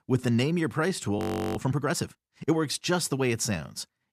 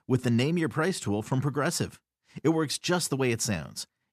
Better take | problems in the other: second | audio freezing; at 1 s

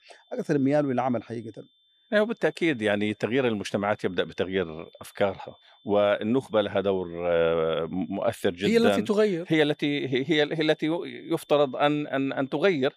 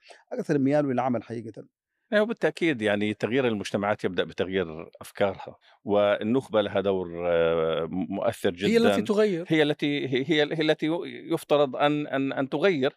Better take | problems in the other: second | high-pitched whine; faint; throughout; 3.5 kHz, 35 dB below the speech

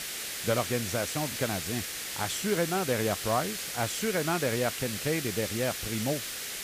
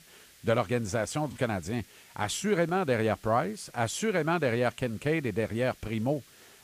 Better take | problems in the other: second | hiss; loud; throughout; 3 dB below the speech; faint in the second

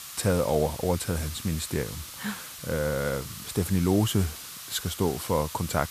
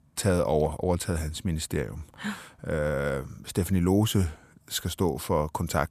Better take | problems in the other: second | hiss; noticeable; throughout; 10 dB below the speech

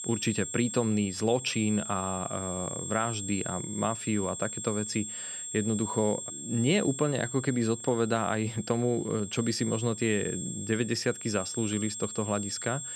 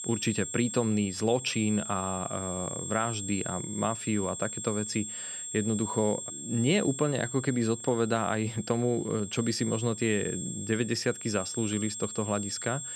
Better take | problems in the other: neither | high-pitched whine; loud; throughout; 7.5 kHz, 6 dB below the speech; the same in both

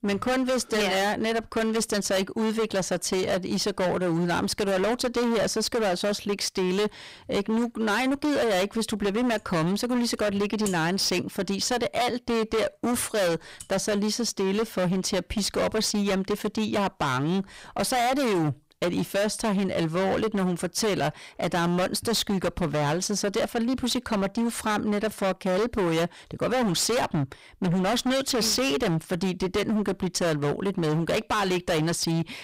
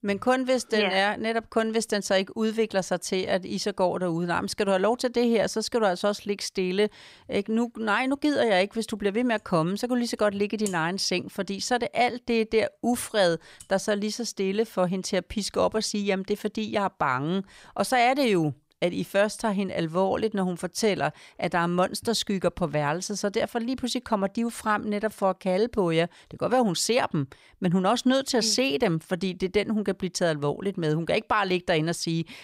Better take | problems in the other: second | distortion; heavy; 27% of the sound clipped

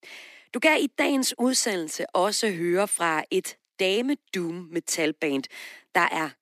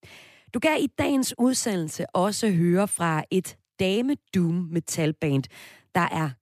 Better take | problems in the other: second | thin; very slightly; fading below 250 Hz

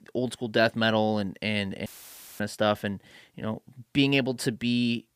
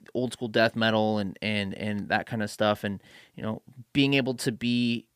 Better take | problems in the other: second | audio cutting out; filled with static; at 2 s for 0.5 s

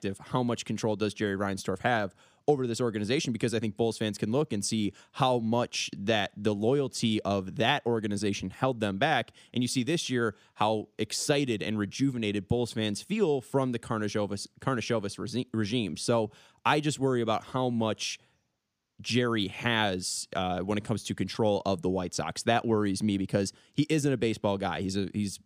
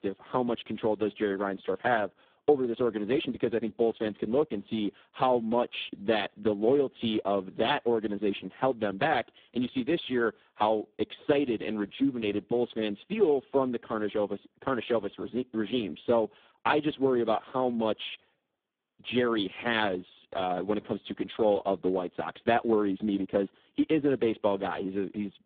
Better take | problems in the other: first | phone-call audio; poor line

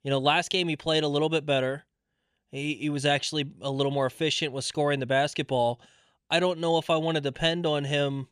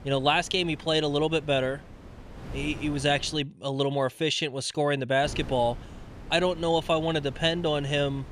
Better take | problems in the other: first | wind noise on the microphone; occasional gusts; until 3.5 s and from 5 s on; 20 dB below the speech

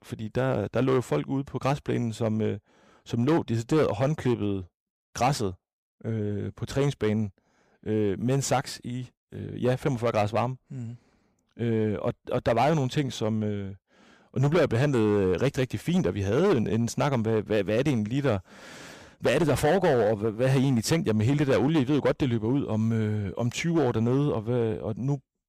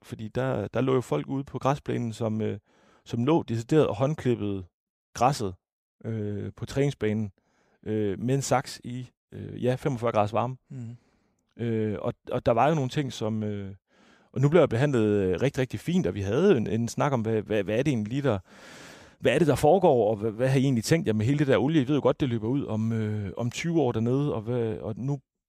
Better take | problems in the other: second | distortion; slight; 7% of the sound clipped

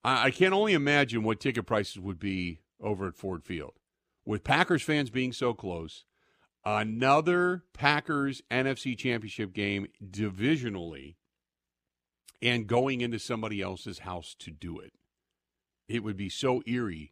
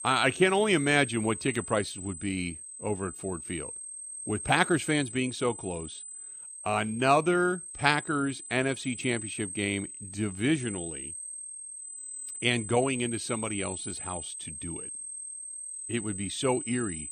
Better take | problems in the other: first | high-pitched whine; loud; throughout; 8 kHz, 9 dB below the speech

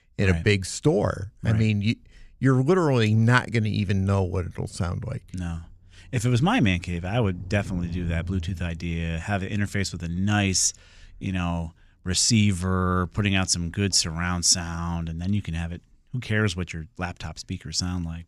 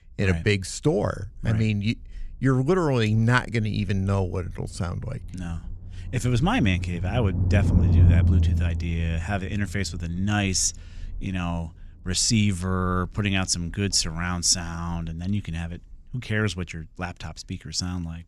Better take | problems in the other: first | low rumble; loud; throughout; 10 dB below the speech; faint in the first

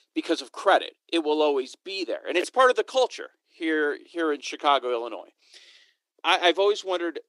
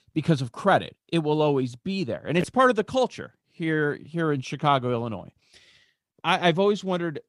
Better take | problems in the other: second | thin; very; fading below 300 Hz

